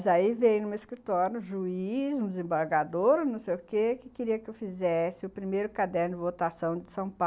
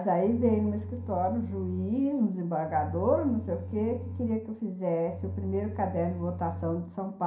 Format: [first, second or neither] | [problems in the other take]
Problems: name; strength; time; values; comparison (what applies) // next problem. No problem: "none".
first | background sound (Bowed string instrument); 9 dB below the speech // room echo; dies away in 0.5 s